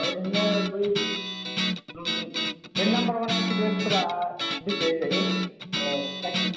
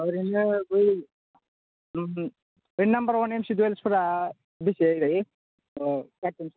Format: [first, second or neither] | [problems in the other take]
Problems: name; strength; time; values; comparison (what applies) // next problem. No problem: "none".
second | background sound (Guitar); 1 dB above the speech // room echo; dies away in 1 s